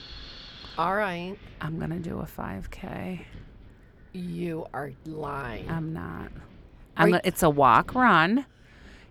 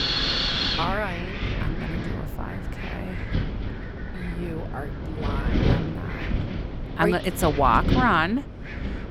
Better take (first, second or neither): first